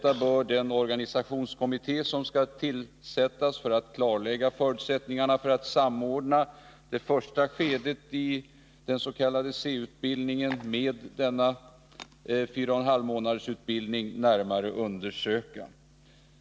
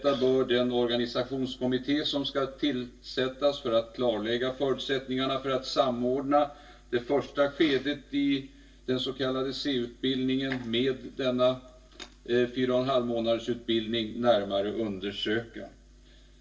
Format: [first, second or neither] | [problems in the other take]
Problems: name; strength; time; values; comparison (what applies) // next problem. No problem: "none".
first | room echo; dies away in 0.2 s